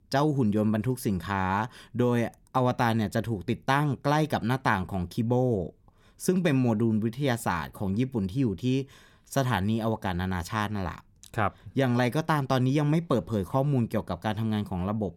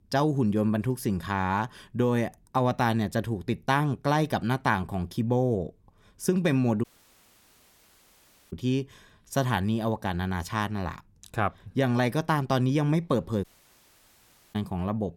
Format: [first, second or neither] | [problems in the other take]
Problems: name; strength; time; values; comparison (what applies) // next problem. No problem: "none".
first | audio cutting out; at 7 s for 1.5 s and at 13 s for 1 s